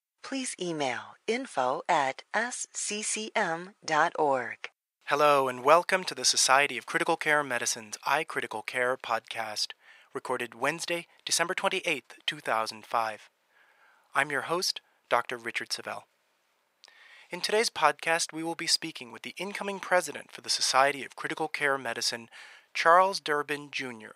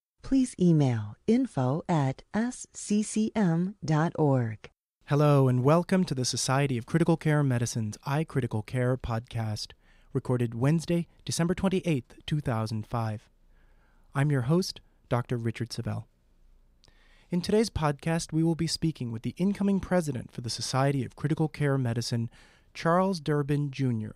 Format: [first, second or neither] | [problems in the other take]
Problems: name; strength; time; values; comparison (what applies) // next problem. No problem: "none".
second | thin; very; fading below 750 Hz